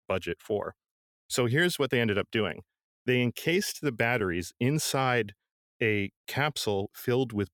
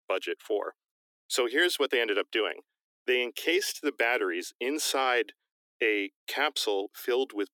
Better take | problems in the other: first | thin; somewhat; fading below 300 Hz

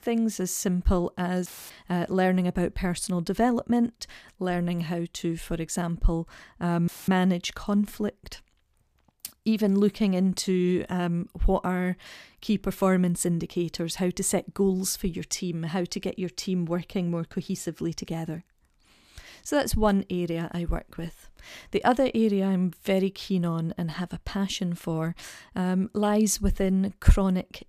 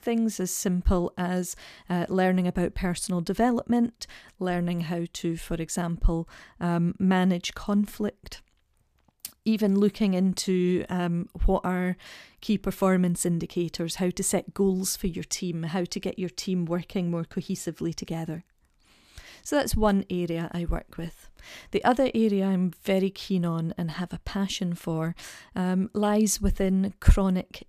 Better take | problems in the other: second | audio cutting out; filled with static; at 1.5 s and at 7 s

